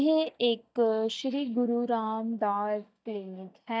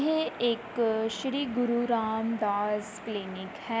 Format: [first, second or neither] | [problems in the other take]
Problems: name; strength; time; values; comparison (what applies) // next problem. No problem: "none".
second | noise reduction (neural mask model DeepFilterNet 3)